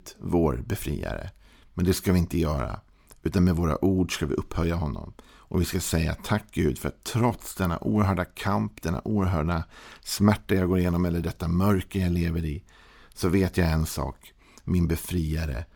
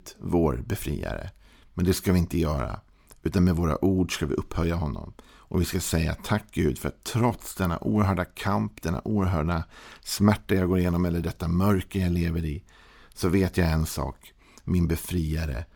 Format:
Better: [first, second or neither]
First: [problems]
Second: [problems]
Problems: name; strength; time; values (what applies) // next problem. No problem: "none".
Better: neither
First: none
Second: none